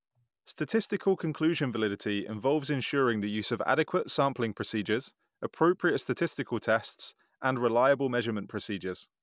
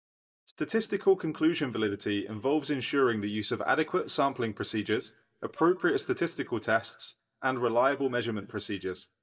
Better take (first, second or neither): first